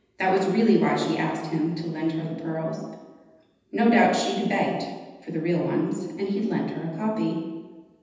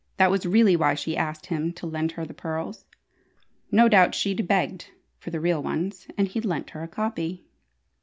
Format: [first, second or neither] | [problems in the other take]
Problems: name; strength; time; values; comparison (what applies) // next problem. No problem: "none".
second | room echo; dies away in 1.1 s